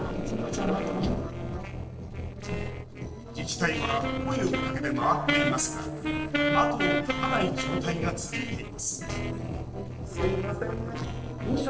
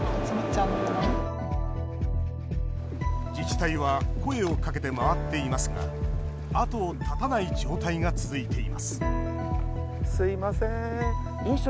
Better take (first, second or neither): second